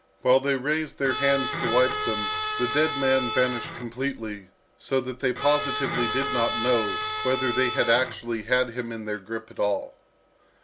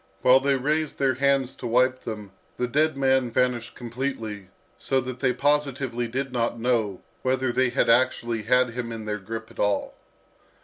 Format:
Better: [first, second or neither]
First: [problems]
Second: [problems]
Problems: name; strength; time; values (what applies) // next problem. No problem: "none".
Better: second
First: background sound (Bowed string instrument); 4 dB below the speech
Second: none